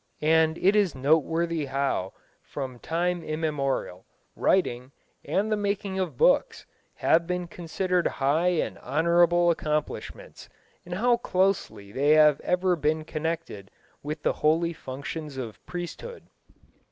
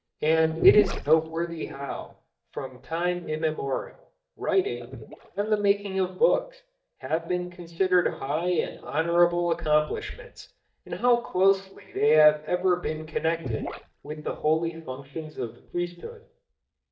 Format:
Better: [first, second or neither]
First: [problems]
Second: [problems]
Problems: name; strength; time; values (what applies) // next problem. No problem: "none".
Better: first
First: none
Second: noise reduction (neural mask model DeepFilterNet 3)